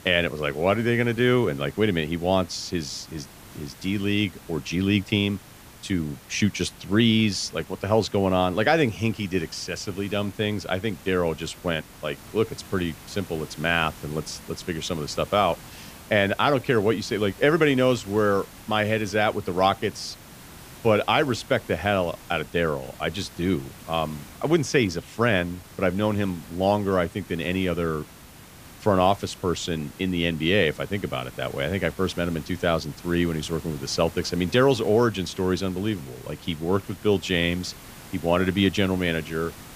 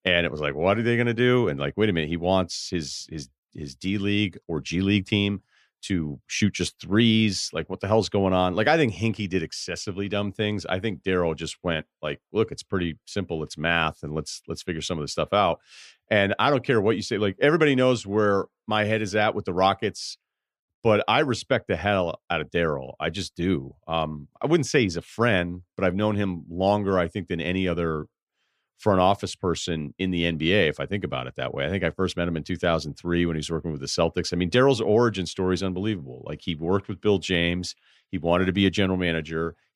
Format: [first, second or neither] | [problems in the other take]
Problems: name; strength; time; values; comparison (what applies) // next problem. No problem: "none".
second | hiss; noticeable; throughout; 20 dB below the speech